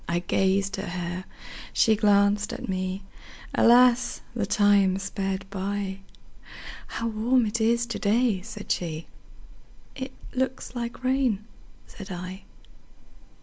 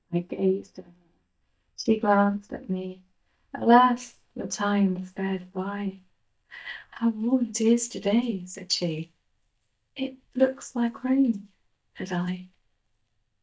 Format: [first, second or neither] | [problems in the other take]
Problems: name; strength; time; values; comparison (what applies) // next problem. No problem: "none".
first | noise reduction (neural mask model DeepFilterNet 3)